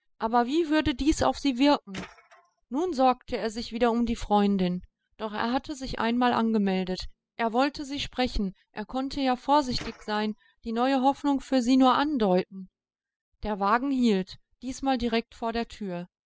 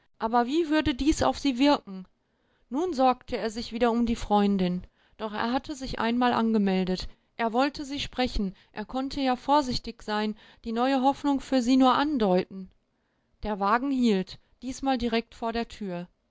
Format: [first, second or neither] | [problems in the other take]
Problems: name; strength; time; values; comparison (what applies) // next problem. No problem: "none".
second | noise reduction (classical method spectral subtraction)